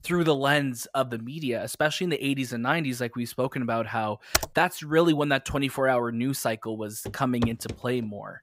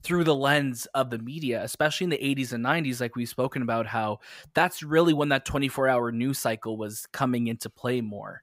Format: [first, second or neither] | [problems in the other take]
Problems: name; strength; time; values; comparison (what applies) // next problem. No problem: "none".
second | keyboard typing; loud; at 4.5 s; peak level with the speech // footsteps; noticeable; at 7 s; peak 7 dB below the speech